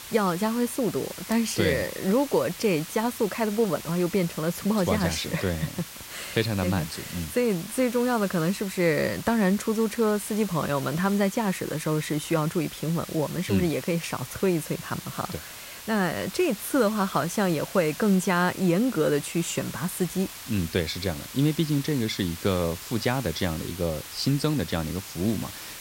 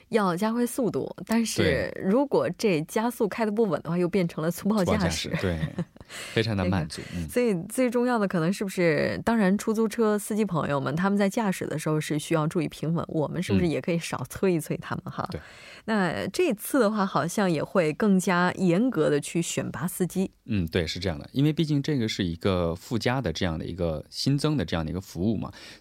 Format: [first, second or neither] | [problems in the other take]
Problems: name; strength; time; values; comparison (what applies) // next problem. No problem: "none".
second | hiss; noticeable; throughout; 10 dB below the speech